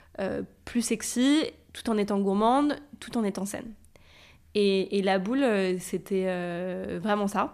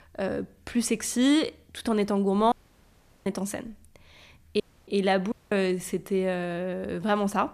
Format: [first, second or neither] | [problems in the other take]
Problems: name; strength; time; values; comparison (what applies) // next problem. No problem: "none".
first | audio cutting out; at 2.5 s for 0.5 s, at 4.5 s and at 5.5 s